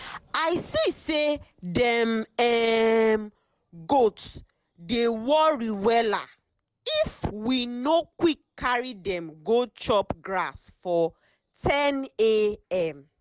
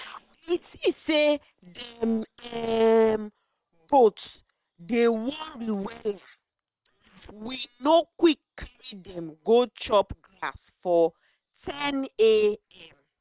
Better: first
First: none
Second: noise reduction (neural separator model SepFormer WHAM!)

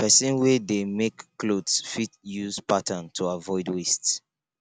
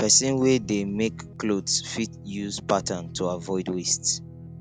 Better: first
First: none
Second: background sound (Guitar); 14 dB below the speech

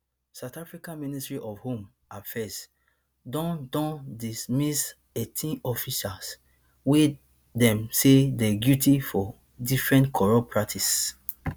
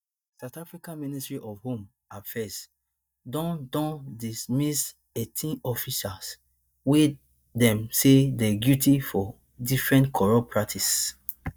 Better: first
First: none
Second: noise reduction (neural mask model DeepFilterNet 3)

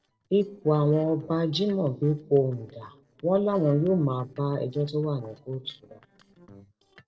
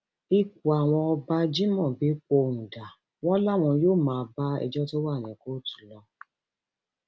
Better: second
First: noise reduction (neural separator model SepFormer DNS4)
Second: none

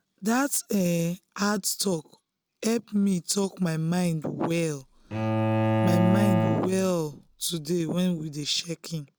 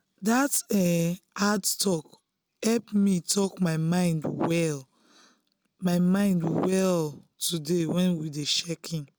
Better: second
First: background sound (Bowed string instrument); as loud as the speech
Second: none

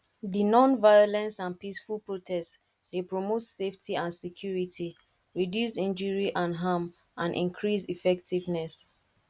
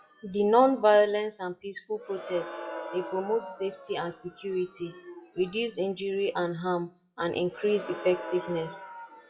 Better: first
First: none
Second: noise reduction (classical method WPE with log-MMSE)

